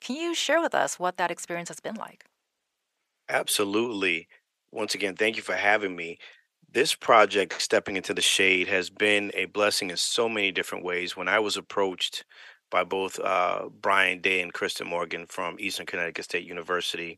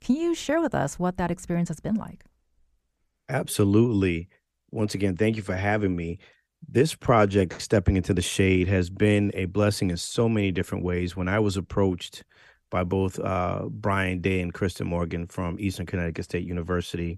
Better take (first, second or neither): second